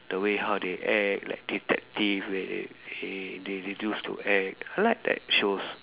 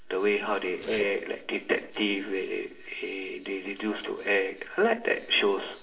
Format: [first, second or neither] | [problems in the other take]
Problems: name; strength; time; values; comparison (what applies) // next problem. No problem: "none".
first | noise reduction (neural separator model SepFormer DNS4)